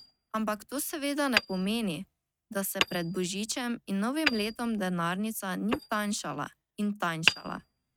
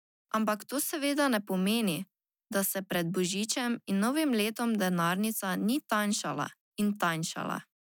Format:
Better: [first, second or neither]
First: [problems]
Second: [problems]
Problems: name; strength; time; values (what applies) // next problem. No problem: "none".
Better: second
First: noise reduction (neural mask model RNNoise)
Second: none